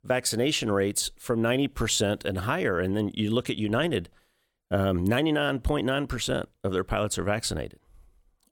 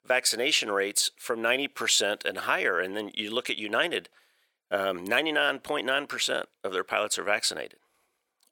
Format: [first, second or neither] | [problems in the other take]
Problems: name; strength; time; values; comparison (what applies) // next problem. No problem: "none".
first | thin; somewhat; fading below 500 Hz